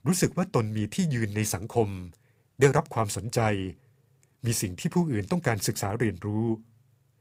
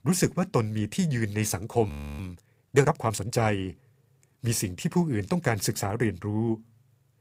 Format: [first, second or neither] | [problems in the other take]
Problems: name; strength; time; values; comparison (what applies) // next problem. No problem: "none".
first | audio freezing; at 2 s